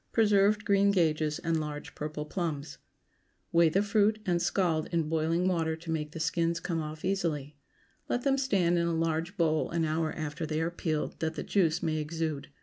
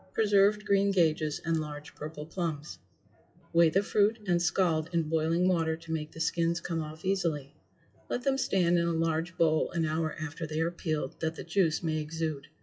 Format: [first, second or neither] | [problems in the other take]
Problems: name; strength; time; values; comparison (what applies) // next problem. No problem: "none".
first | noise reduction (classical method WPE with log-MMSE)